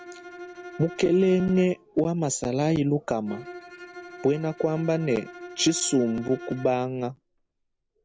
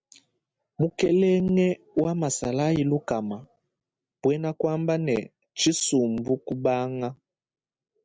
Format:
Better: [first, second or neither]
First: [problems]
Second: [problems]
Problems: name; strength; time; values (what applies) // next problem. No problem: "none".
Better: second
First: background sound (Bowed string instrument); 17 dB below the speech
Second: none